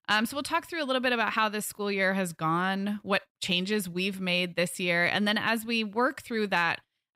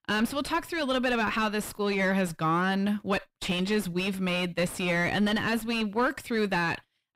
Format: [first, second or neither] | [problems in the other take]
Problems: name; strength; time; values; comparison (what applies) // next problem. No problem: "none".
first | distortion; heavy; 6 dB below the speech